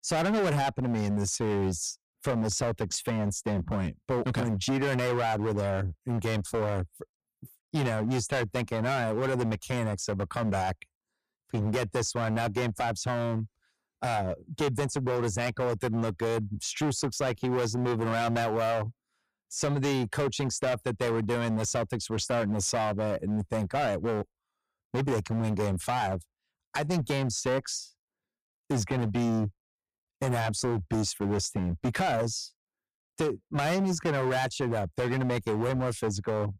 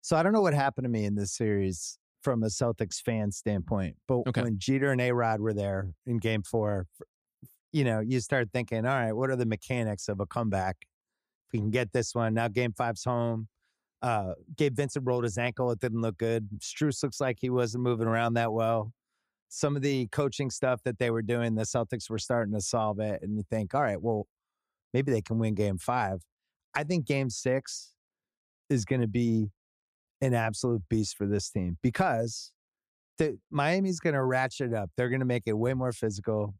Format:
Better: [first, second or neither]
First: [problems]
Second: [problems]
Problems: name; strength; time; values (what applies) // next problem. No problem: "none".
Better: second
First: distortion; heavy; 18% of the sound clipped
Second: none